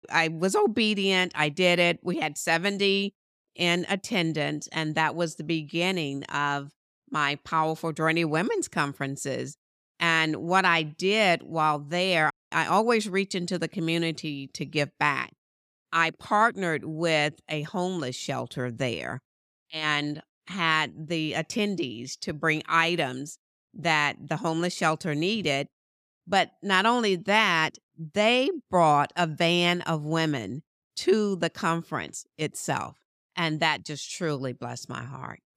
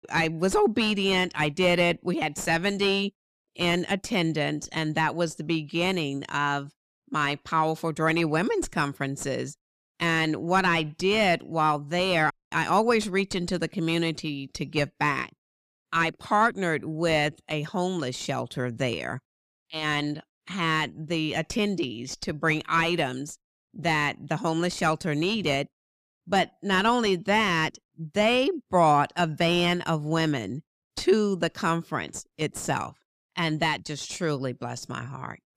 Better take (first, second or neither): first